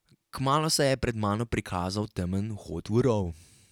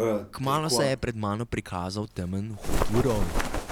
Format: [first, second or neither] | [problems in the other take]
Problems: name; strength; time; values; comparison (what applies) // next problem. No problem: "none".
first | background sound (Bird); as loud as the speech